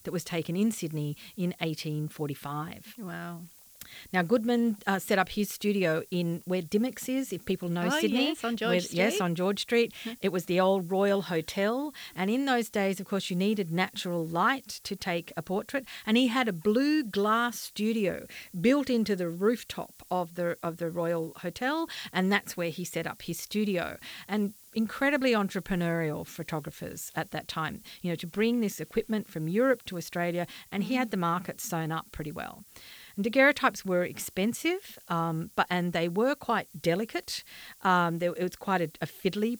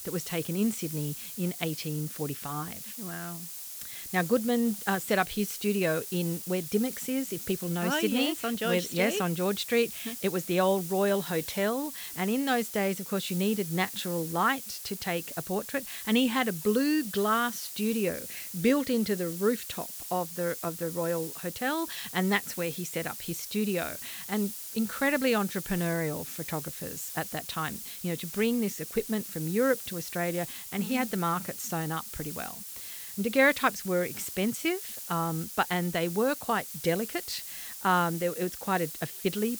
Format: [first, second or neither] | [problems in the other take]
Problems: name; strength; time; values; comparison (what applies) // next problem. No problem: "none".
first | hiss; loud; throughout; 7 dB below the speech; faint in the first